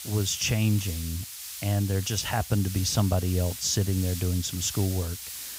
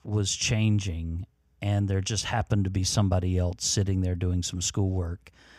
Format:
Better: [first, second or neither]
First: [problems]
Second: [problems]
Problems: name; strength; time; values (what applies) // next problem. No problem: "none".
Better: second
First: hiss; loud; throughout; 9 dB below the speech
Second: none